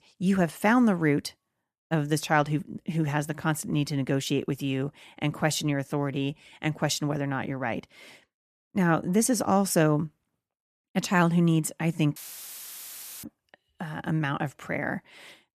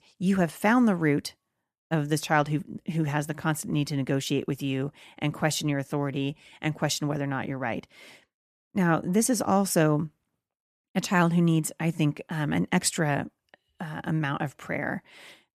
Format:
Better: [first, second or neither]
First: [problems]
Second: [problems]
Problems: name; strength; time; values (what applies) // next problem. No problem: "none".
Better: second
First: audio cutting out; filled with static; at 12 s for 1 s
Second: none